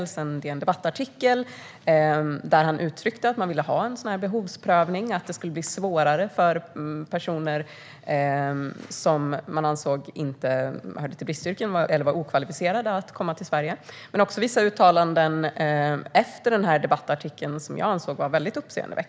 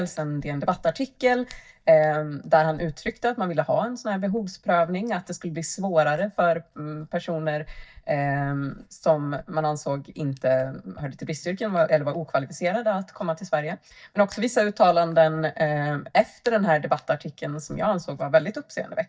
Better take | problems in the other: first | noise reduction (neural mask model DeepFilterNet 3)

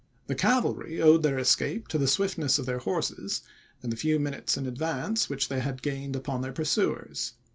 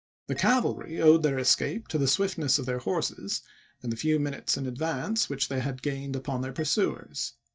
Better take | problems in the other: first | noise reduction (neural mask model DeepFilterNet 3)

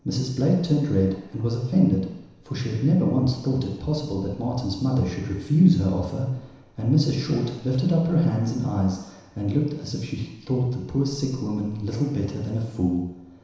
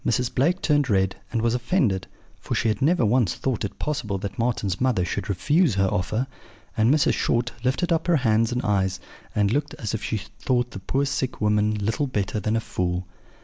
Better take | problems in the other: second | room echo; dies away in 1 s

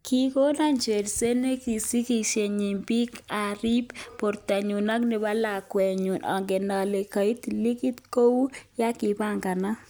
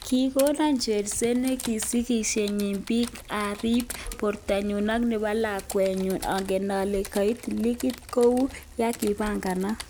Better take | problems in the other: first | background sound (Typing + Bicycle); 15 dB below the speech

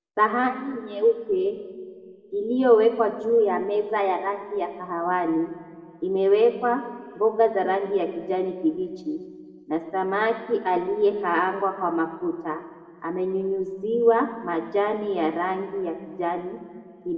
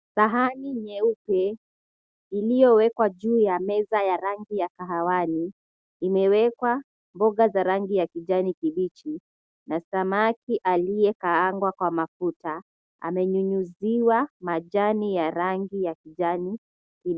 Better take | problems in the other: second | room echo; dies away in 1.7 s

